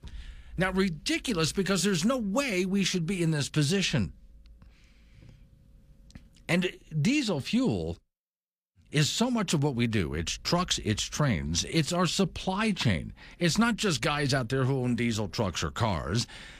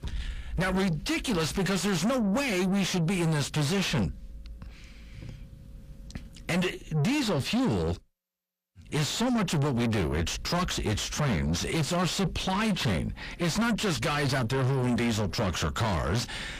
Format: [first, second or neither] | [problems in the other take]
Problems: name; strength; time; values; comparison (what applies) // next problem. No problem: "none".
first | distortion; heavy; 6 dB below the speech